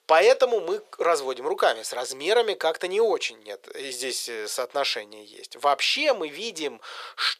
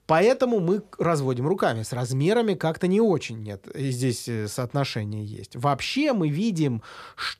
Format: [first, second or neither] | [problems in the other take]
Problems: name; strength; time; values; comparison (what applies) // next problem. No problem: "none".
second | thin; very; fading below 500 Hz